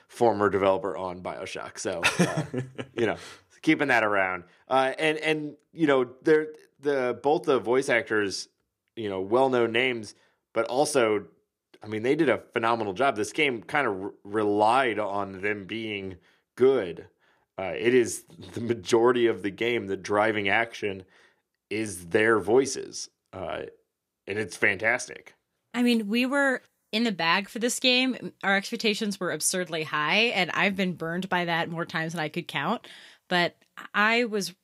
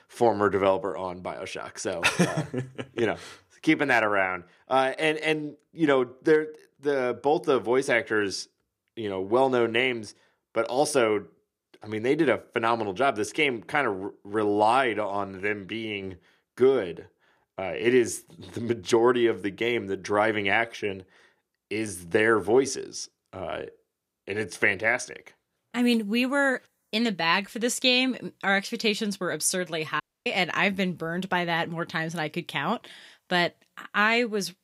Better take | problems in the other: first | audio cutting out; at 30 s

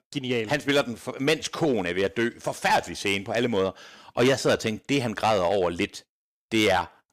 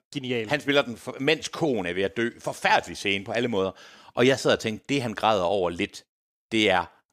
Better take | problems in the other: second | distortion; slight; 4% of the sound clipped

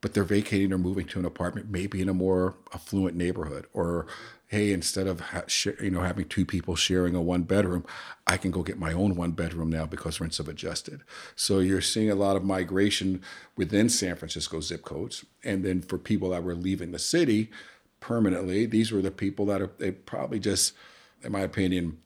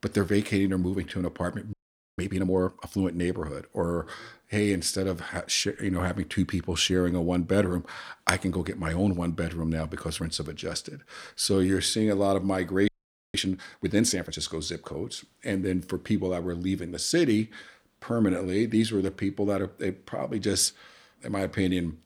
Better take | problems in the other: first | audio freezing; at 1.5 s and at 13 s

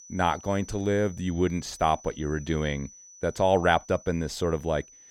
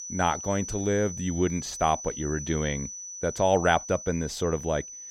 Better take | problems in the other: first | high-pitched whine; loud; throughout; 6 kHz, 9 dB below the speech; faint in the first

